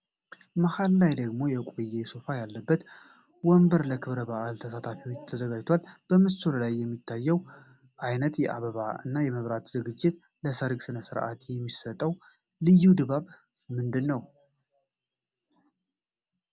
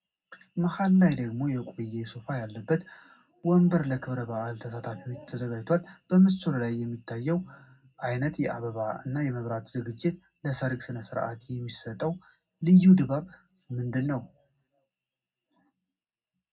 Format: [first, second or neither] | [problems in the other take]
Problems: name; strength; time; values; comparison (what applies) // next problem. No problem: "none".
first | room echo; dies away in 0.3 s